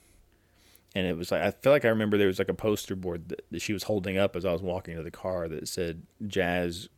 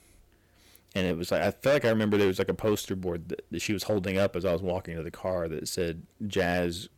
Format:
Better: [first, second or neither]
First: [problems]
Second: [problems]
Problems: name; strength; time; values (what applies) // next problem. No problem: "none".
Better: first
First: none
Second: distortion; slight; 4% of the sound clipped